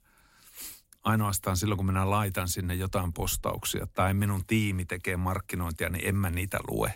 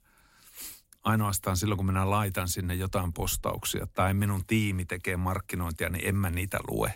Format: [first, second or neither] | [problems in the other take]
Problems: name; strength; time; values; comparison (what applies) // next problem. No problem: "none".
neither | none